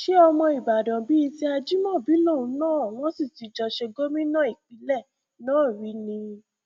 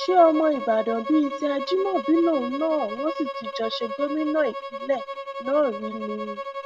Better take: first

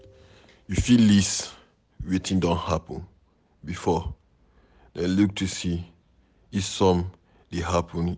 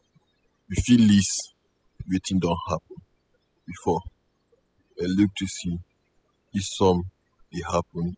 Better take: first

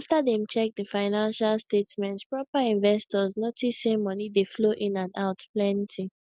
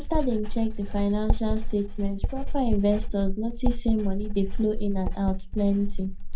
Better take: first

